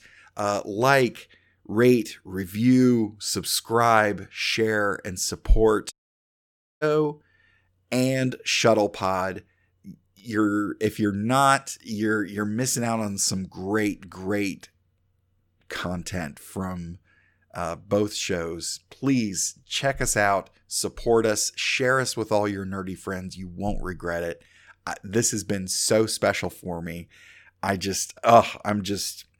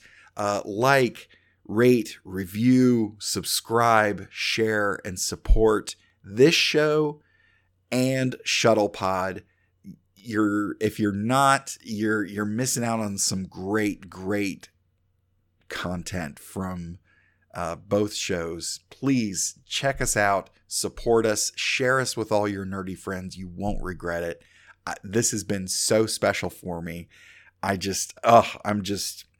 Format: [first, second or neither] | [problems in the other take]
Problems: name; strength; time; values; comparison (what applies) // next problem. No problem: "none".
second | audio cutting out; at 6 s for 1 s